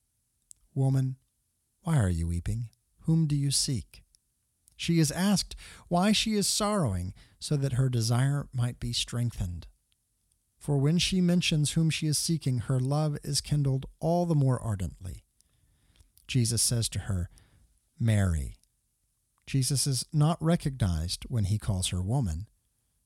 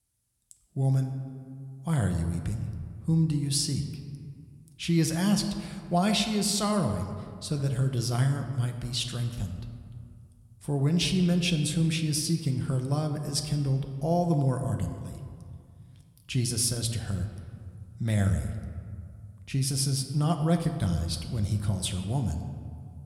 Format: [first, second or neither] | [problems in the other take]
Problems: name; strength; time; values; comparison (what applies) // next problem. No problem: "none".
first | room echo; slight; dies away in 1.5 s